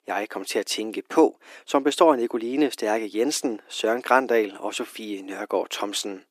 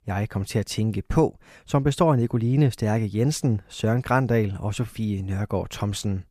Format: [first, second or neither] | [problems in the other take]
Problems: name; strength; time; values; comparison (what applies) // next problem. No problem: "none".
second | thin; somewhat; fading below 300 Hz